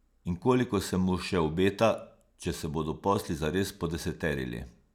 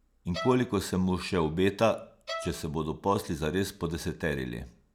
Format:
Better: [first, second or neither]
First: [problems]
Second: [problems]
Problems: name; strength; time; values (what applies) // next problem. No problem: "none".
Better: first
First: none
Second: background sound (Bowed string instrument); 14 dB below the speech